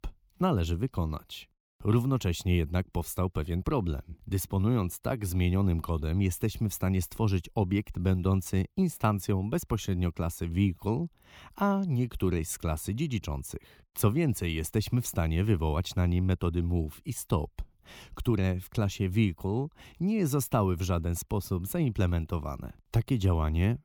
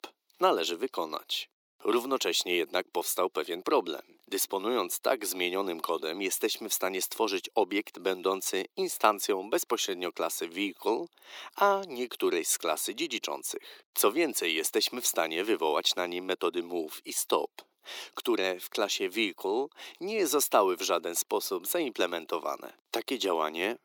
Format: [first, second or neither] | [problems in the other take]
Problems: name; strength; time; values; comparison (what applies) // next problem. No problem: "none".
first | thin; very; fading below 350 Hz